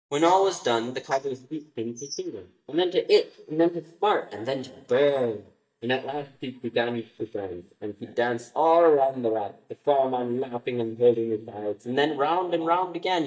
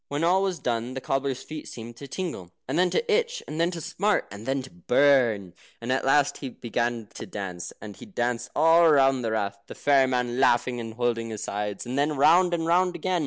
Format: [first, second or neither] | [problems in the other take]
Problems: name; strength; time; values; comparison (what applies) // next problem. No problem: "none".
second | noise reduction (neural mask model DeepFilterNet 3)